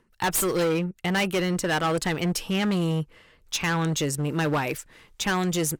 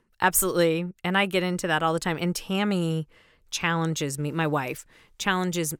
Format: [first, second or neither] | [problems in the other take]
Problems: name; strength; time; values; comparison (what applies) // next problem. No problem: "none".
second | distortion; heavy; 14% of the sound clipped